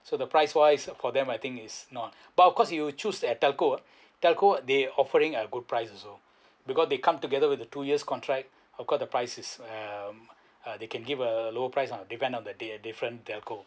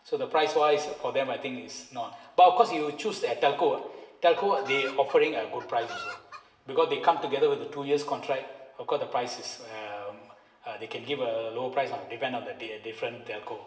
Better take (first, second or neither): first